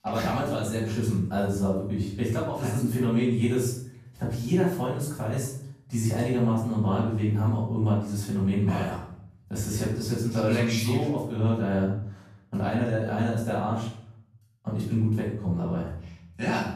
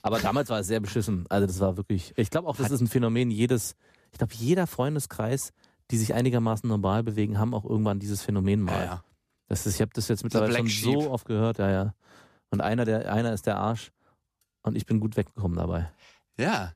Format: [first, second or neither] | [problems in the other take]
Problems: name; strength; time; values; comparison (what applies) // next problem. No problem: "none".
second | off-mic speech; far // room echo; noticeable; dies away in 0.6 s